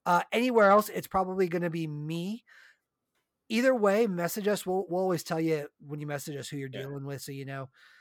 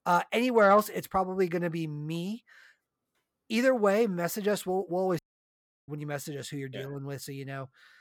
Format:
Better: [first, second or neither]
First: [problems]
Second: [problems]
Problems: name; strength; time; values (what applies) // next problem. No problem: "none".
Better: first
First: none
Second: audio cutting out; at 5 s for 0.5 s